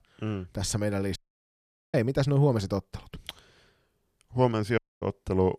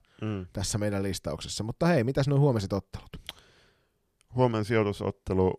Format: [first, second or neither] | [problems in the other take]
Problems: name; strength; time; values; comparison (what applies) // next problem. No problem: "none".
second | audio cutting out; at 1 s for 1 s and at 5 s